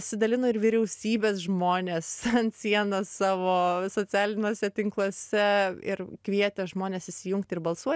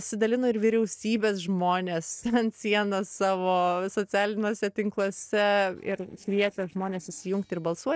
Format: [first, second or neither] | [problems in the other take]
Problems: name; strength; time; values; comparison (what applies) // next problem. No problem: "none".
first | noise reduction (neural separator model SepFormer DNS4)